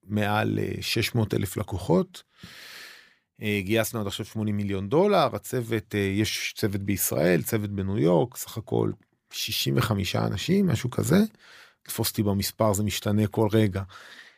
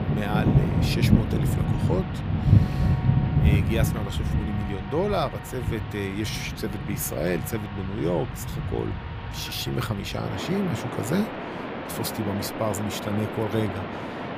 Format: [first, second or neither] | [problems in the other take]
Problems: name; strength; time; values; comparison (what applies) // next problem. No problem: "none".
first | rain or running water; very loud; throughout; 2 dB above the speech